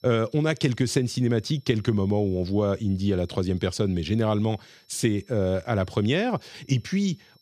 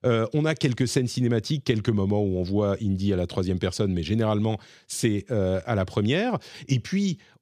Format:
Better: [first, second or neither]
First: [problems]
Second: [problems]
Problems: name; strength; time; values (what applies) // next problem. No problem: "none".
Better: second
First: high-pitched whine; faint; throughout; 5.5 kHz, 35 dB below the speech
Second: none